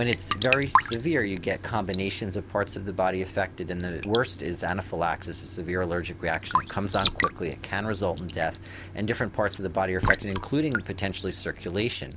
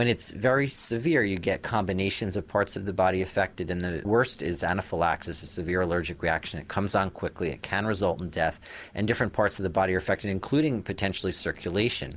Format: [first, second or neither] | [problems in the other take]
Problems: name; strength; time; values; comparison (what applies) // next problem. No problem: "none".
second | background sound (Raindrop / Drip / Trickle, dribble); 4 dB below the speech